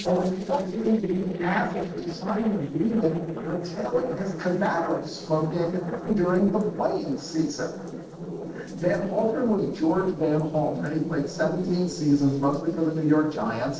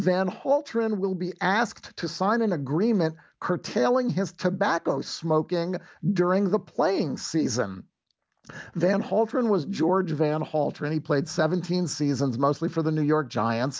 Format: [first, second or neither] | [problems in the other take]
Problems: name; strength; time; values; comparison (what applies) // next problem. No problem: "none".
second | noise reduction (neural separator model SepFormer DNS4)